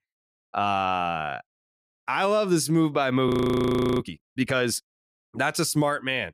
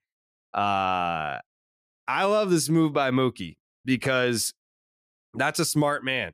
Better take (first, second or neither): second